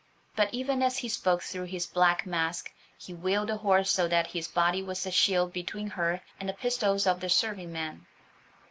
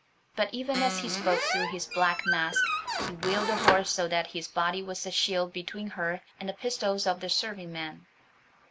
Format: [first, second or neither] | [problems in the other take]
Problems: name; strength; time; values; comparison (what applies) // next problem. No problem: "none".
first | background sound (Squeak); 1 dB above the speech